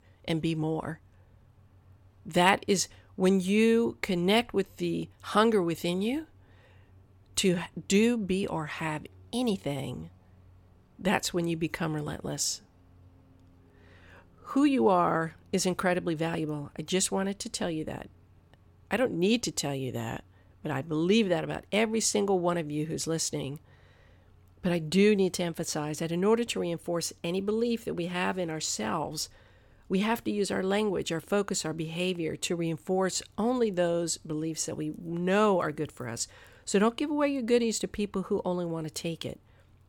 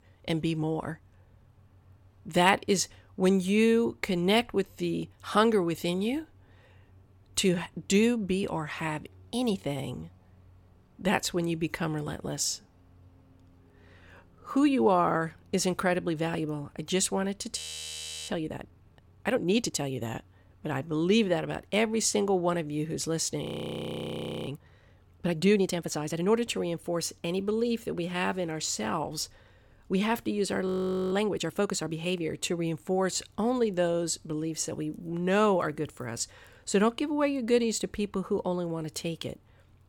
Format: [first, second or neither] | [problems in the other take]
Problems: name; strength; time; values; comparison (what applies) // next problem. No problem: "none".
first | audio freezing; at 18 s for 0.5 s, at 23 s for 1 s and at 31 s